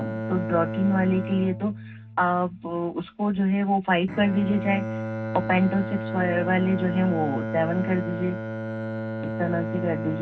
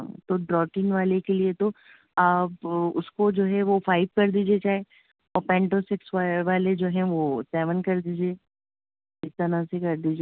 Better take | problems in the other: second | background sound (Bowed string instrument); 6 dB below the speech // room echo; dies away in 0.4 s

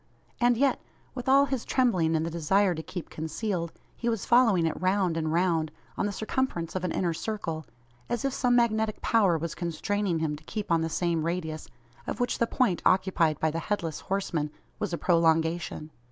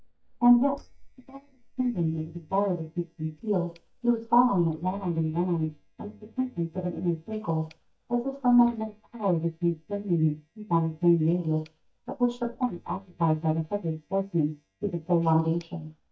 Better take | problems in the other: first | noise reduction (neural mask model DeepFilterNet 3)

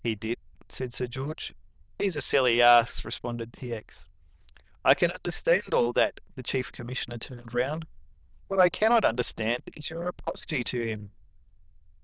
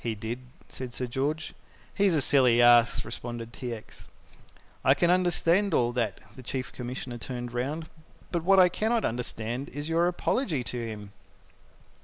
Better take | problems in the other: second | noise reduction (neural diffusion model UNIVERSE++)

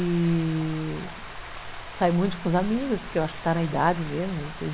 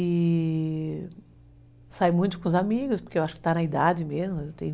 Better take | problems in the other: second | background sound (Tick-tock + Stream); 11 dB below the speech

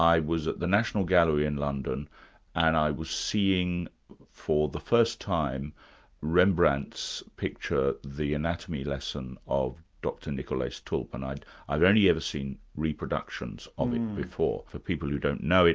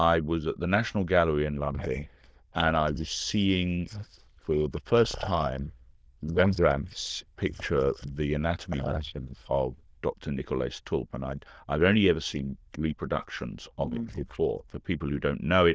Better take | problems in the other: first | noise reduction (neural diffusion model UNIVERSE++)

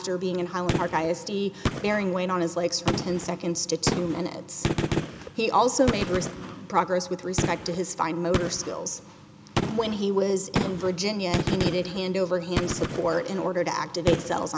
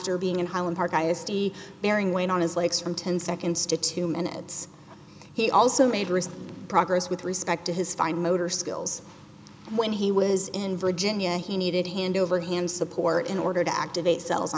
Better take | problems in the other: second | background sound (Gunshot, gunfire); 5 dB below the speech

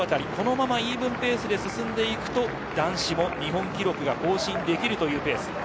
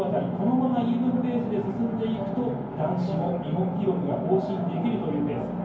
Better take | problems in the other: first | background sound (Wind instrument, woodwind instrument); 13 dB below the speech // room echo; dies away in 0.9 s

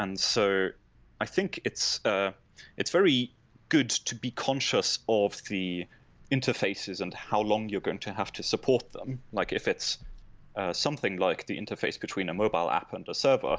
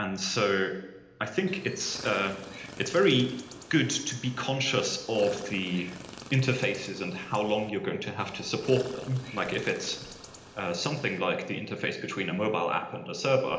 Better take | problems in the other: first | background sound (Chirp, tweet); 16 dB below the speech // room echo; dies away in 0.9 s

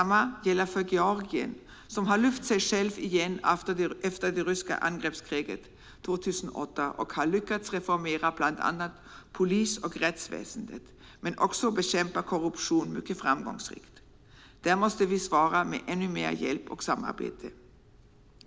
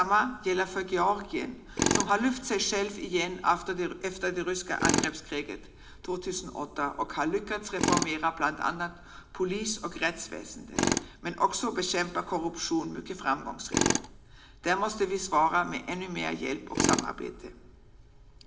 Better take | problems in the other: first | background sound (Tools); 5 dB below the speech // room echo; dies away in 1.4 s

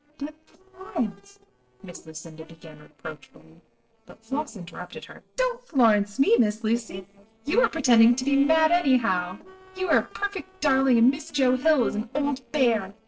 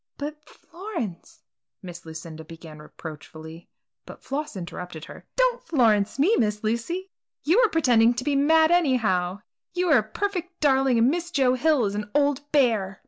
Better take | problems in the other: second | noise reduction (neural separator model SepFormer DNS4)

